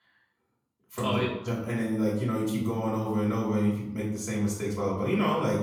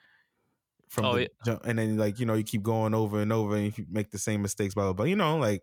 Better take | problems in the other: second | off-mic speech; far // room echo; noticeable; dies away in 0.7 s

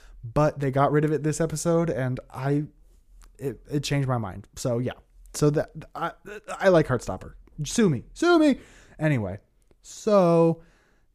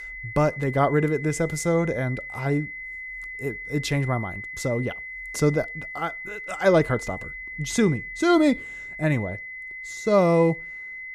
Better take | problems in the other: first | high-pitched whine; noticeable; throughout; 2 kHz, 10 dB below the speech

